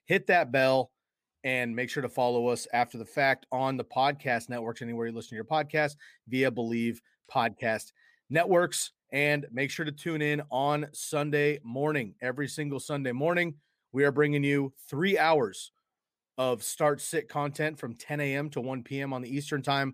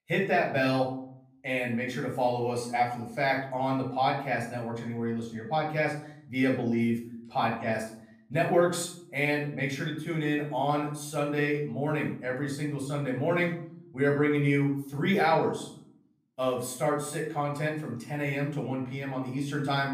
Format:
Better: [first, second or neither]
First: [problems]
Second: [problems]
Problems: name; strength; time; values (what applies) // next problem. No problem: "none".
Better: first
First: none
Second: off-mic speech; far // room echo; noticeable; dies away in 0.6 s